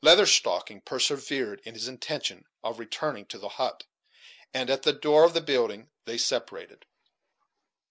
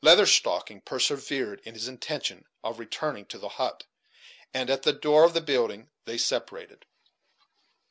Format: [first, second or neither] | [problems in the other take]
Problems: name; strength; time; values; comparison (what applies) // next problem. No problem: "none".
second | noise reduction (neural mask model Resemble Enhance denoiser)